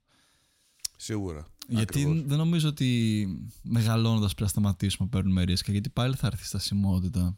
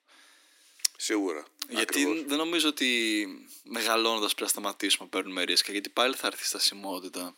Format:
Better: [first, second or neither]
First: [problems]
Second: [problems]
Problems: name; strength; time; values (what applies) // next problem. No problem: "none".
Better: first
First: none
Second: thin; very; fading below 300 Hz